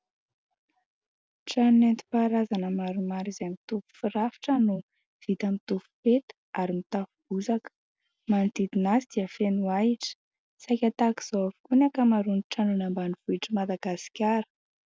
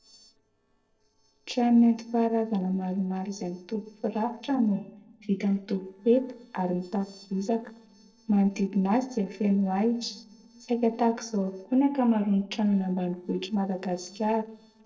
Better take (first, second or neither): first